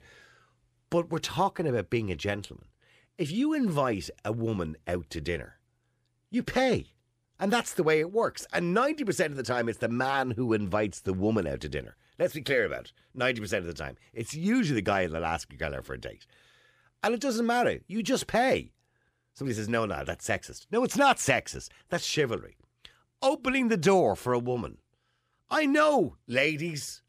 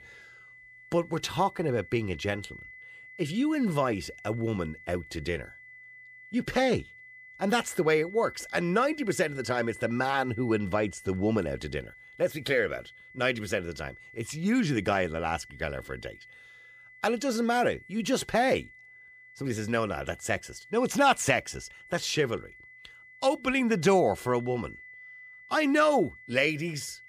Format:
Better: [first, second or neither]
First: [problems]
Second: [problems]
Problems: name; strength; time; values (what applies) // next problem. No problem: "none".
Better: first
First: none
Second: high-pitched whine; noticeable; throughout; 2 kHz, 20 dB below the speech